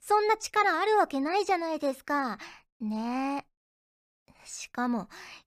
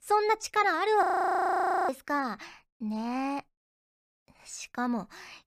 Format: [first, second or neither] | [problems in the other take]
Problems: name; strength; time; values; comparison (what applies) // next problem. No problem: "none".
first | audio freezing; at 1 s for 1 s